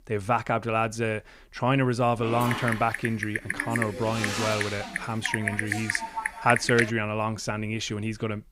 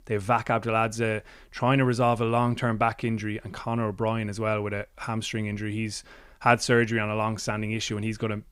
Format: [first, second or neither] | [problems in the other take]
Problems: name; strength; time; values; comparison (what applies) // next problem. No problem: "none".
second | keyboard typing; loud; from 2 to 7 s; peak 1 dB above the speech